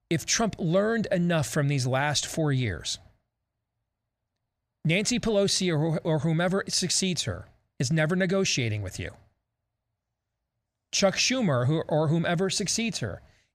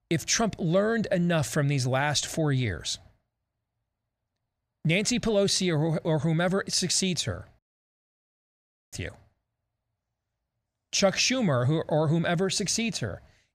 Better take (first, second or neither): first